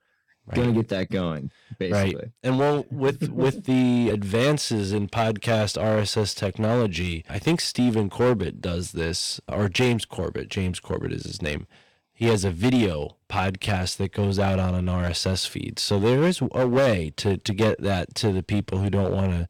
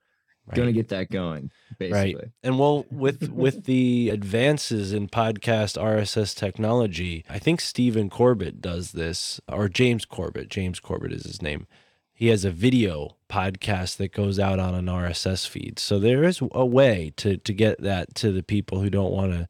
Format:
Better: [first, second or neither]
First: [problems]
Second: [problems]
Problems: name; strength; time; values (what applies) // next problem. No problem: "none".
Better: second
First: distortion; slight; 7% of the sound clipped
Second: none